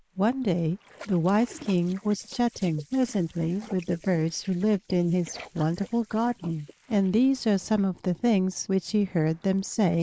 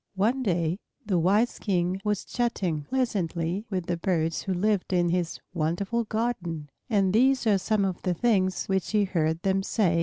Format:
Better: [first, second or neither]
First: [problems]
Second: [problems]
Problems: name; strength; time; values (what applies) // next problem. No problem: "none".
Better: second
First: noise reduction (neural mask model Resemble Enhance denoiser)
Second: none